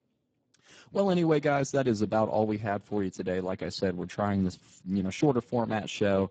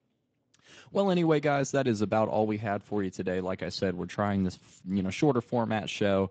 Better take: second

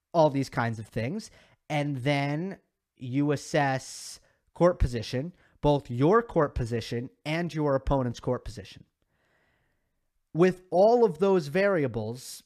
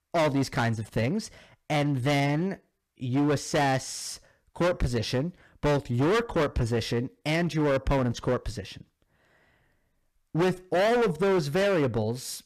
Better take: first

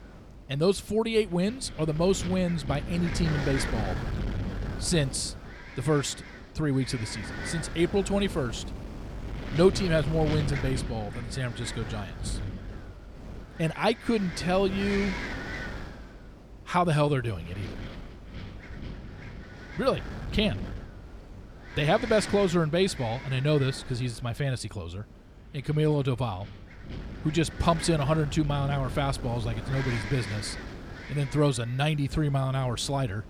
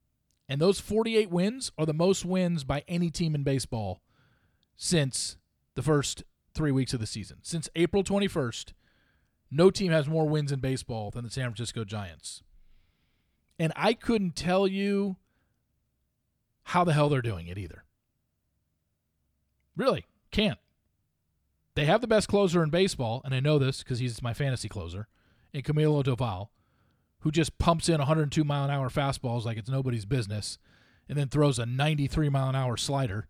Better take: second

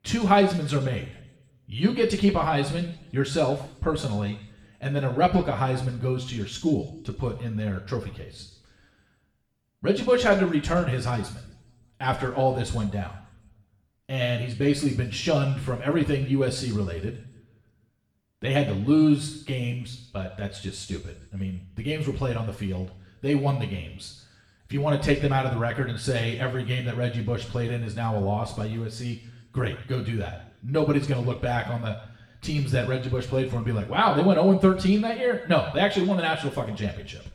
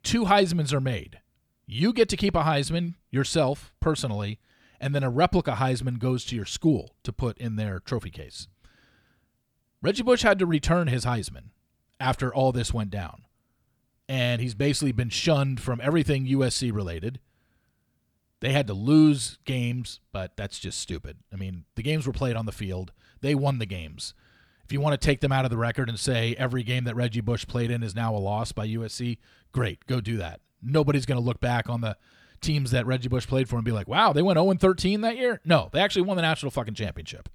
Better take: second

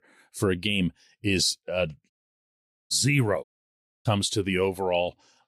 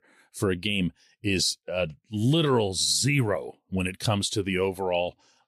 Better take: second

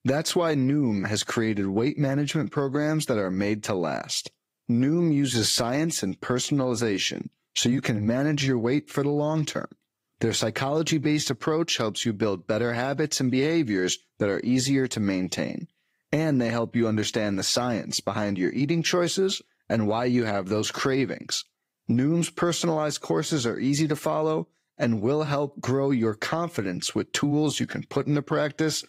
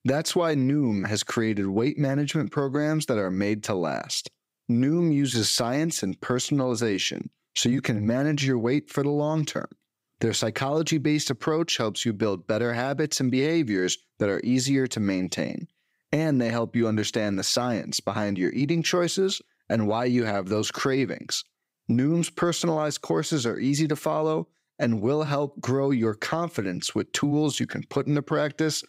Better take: second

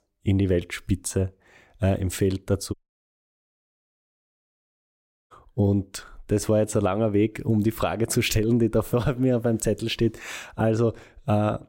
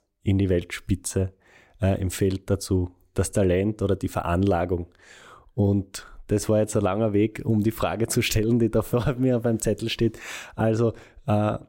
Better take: second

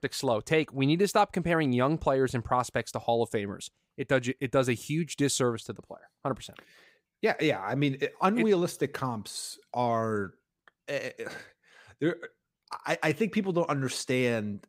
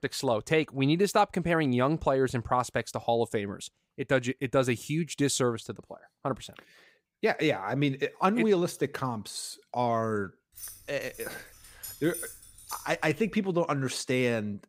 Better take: first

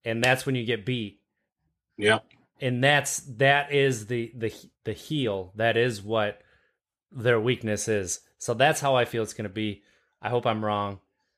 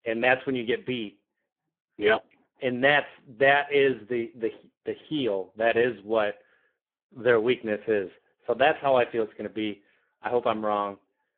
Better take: first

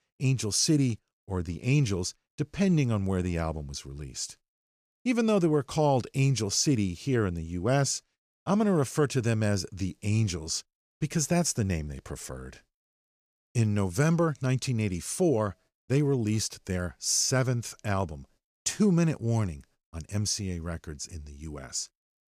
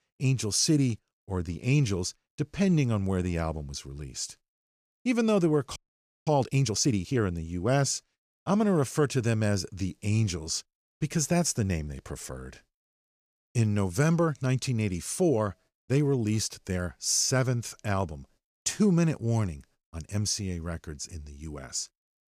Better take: first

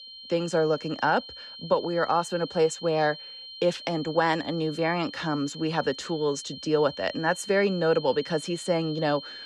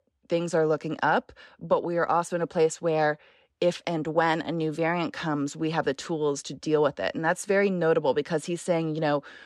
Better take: second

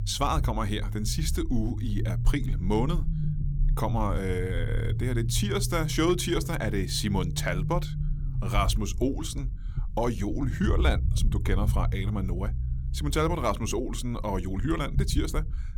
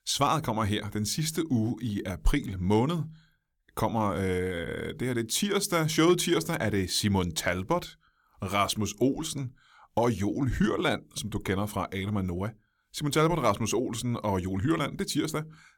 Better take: second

